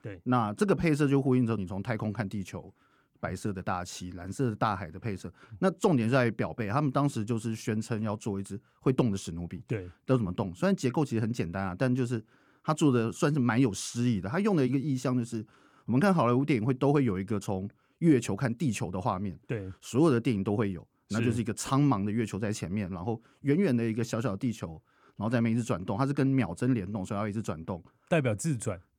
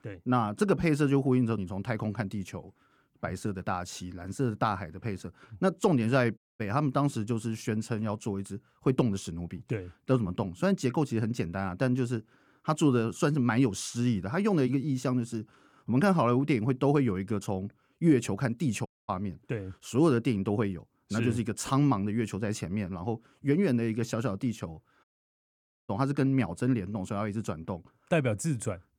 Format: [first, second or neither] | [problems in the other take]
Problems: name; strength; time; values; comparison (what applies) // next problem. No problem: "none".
first | audio cutting out; at 6.5 s, at 19 s and at 25 s for 1 s